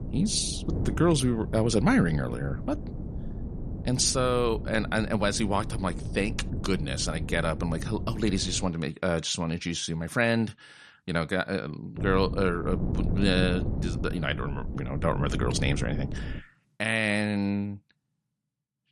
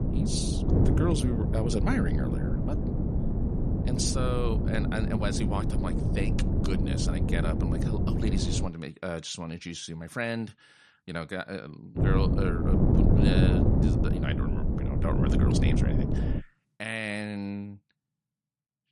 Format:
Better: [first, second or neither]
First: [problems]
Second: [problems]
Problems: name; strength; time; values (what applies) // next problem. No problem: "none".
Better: first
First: wind noise on the microphone; occasional gusts; until 8.5 s and from 12 to 16 s; 15 dB below the speech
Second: wind noise on the microphone; heavy; until 8.5 s and from 12 to 16 s; as loud as the speech